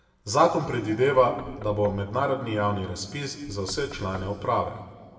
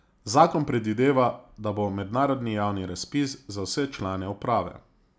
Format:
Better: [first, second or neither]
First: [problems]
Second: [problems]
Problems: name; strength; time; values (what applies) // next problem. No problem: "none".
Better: second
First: background sound (Knock / Wood); 18 dB below the speech // room echo; dies away in 1.7 s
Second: none